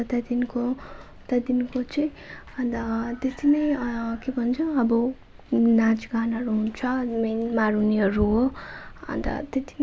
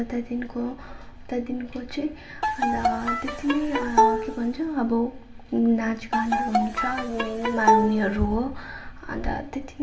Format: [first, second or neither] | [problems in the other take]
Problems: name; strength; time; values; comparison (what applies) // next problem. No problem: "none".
first | background sound (Bowed string instrument); 2 dB above the speech // room echo; dies away in 0.9 s